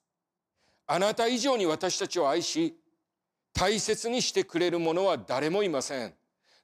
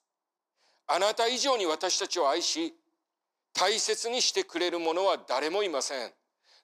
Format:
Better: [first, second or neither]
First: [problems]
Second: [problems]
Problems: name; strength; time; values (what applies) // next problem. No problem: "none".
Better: first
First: none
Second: thin; somewhat; fading below 350 Hz